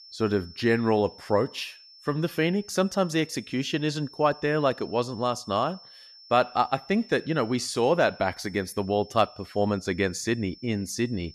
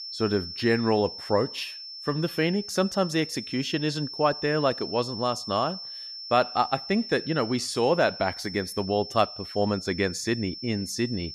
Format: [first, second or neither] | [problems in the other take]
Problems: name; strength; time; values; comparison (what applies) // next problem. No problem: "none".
first | high-pitched whine; loud; throughout; 5.5 kHz, 10 dB below the speech; faint in the first